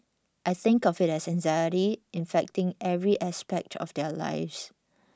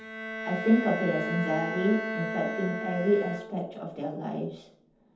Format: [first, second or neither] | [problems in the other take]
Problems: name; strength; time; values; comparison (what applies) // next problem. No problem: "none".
first | background sound (Bowed string instrument); 6 dB below the speech // room echo; dies away in 0.6 s